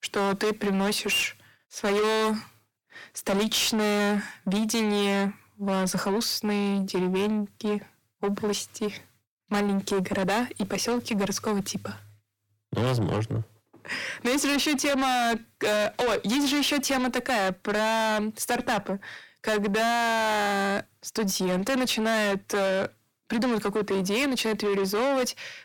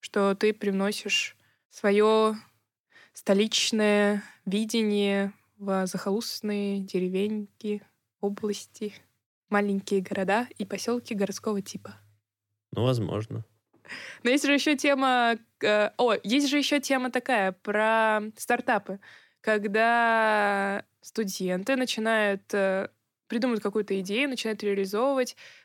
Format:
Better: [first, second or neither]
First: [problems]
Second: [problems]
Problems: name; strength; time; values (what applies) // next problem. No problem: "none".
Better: second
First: distortion; heavy; 6 dB below the speech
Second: none